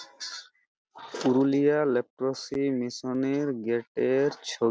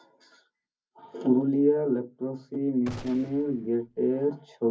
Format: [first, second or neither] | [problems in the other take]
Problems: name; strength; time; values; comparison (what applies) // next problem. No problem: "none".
first | background sound (Gunshot, gunfire); 16 dB below the speech // room echo; dies away in 0.3 s